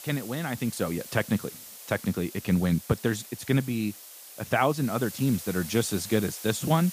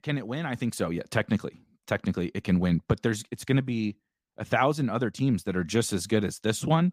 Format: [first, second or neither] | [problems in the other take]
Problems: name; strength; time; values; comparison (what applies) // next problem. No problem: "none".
second | hiss; noticeable; throughout; 15 dB below the speech